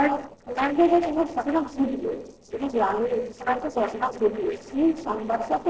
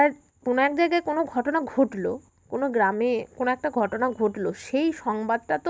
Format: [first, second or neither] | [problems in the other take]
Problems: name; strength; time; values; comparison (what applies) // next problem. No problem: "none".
second | noise reduction (neural separator model SepFormer DNS4)